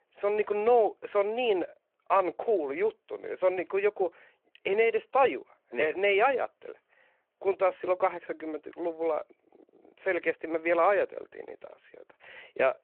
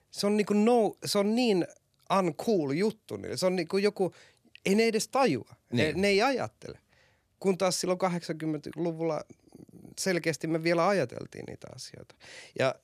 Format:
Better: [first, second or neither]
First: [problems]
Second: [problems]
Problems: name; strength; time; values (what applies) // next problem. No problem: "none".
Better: second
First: phone-call audio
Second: none